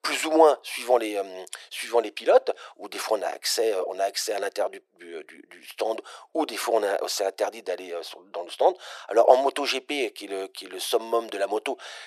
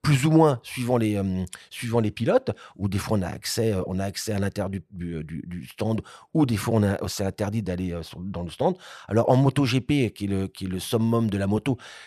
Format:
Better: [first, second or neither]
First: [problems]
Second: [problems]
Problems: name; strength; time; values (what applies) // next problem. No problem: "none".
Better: second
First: thin; very; fading below 350 Hz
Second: none